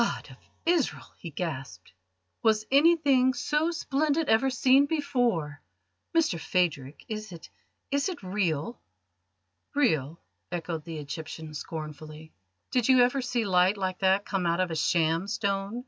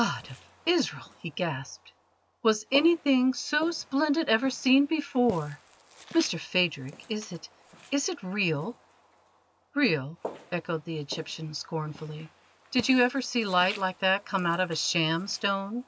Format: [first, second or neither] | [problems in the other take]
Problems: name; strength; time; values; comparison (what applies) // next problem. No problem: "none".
first | background sound (Walk, footsteps); 20 dB below the speech